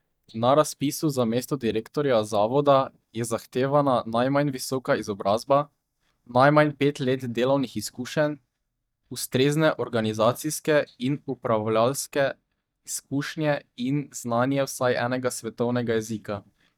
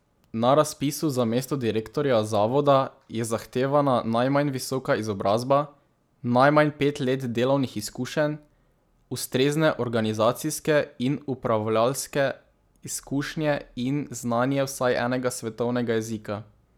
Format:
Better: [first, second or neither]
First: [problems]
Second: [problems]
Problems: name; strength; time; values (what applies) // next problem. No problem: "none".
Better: second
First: noise reduction (neural mask model DeepFilterNet 3)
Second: none